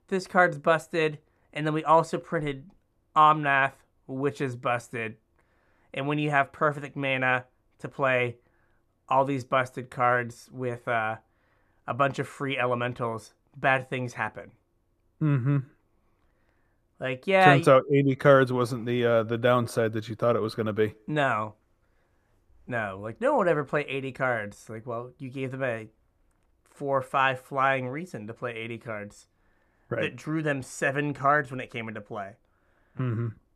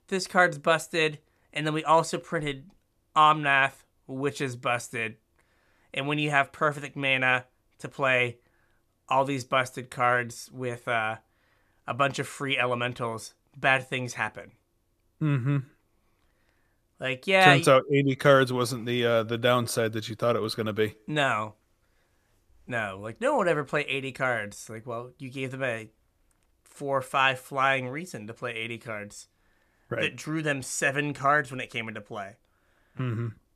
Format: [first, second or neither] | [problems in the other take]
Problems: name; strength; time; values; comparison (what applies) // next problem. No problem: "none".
second | muffled; slightly; fading above 2 kHz